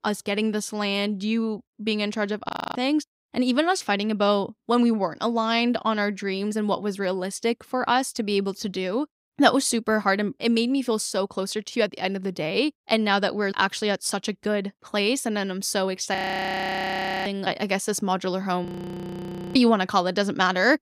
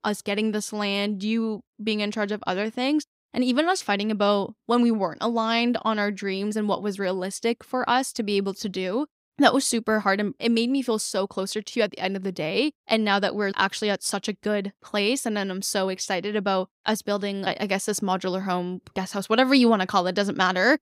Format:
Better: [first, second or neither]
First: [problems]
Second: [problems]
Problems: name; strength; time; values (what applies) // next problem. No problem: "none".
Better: second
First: audio freezing; at 2.5 s, at 16 s for 1 s and at 19 s for 1 s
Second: none